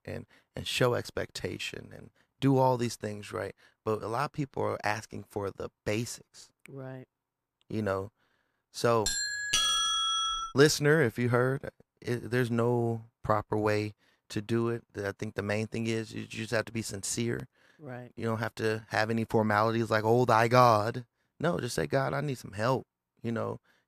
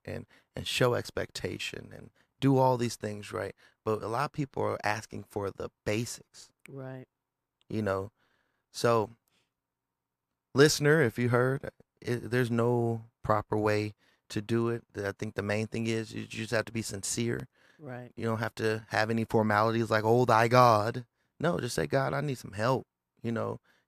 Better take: second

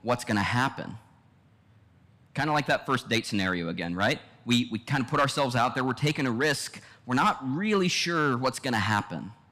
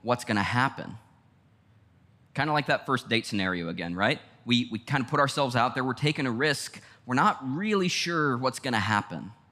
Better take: second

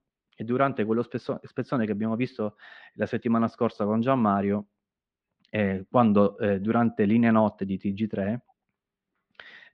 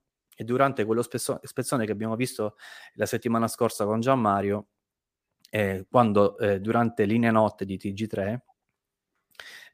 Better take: second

